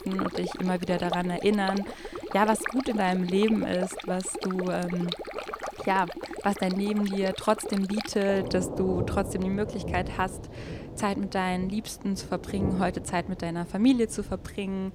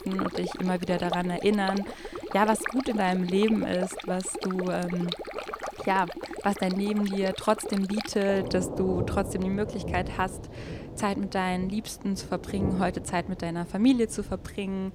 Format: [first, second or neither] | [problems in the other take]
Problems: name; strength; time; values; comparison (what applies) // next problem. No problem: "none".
neither | rain or running water; loud; throughout; 8 dB below the speech; the same in both